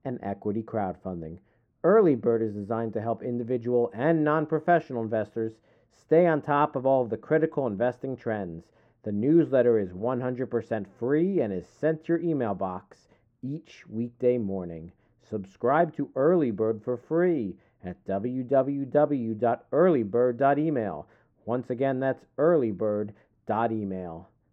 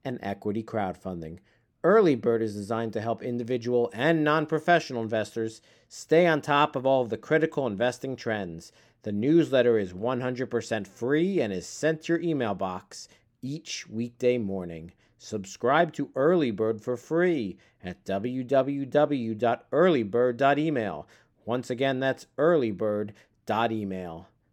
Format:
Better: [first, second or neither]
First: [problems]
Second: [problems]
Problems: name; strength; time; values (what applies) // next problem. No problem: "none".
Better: second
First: muffled; very; fading above 2.5 kHz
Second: none